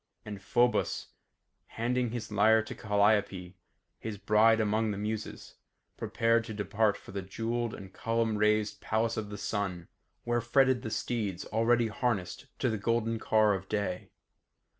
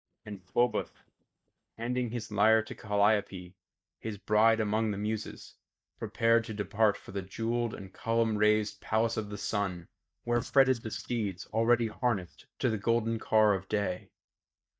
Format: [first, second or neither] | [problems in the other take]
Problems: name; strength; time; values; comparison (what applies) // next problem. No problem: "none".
first | noise reduction (neural mask model DeepFilterNet 3)